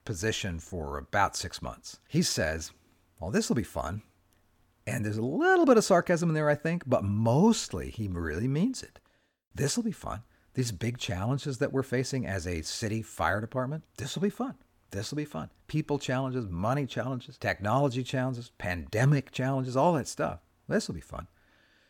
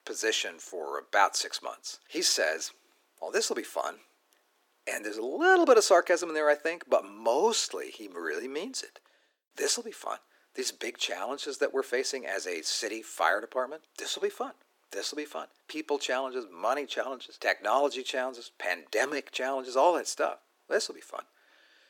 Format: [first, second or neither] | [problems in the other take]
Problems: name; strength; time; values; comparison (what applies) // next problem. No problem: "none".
first | thin; very; fading below 350 Hz